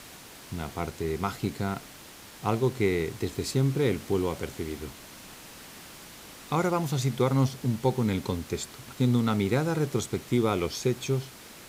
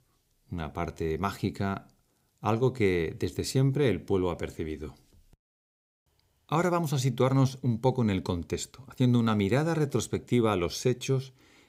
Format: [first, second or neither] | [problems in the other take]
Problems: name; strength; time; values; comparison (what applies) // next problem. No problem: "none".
second | hiss; noticeable; throughout; 15 dB below the speech